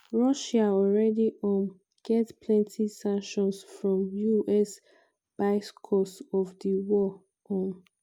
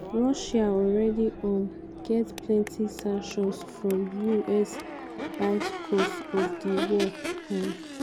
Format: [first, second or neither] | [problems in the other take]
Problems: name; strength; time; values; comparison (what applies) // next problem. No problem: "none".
first | background sound (Crowd / Race car, auto racing / Accelerating, revving, vroom); 8 dB below the speech